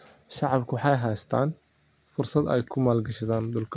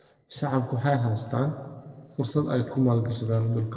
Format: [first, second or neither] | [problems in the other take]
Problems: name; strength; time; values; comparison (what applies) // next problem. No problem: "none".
first | noise reduction (neural separator model SepFormer DNS4)